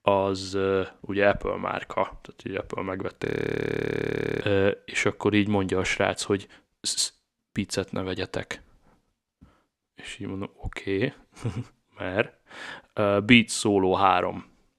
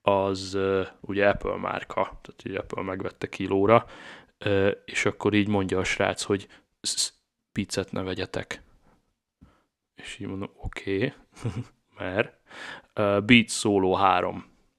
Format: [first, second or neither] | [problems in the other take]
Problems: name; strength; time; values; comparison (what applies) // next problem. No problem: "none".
second | audio freezing; at 3.5 s for 1 s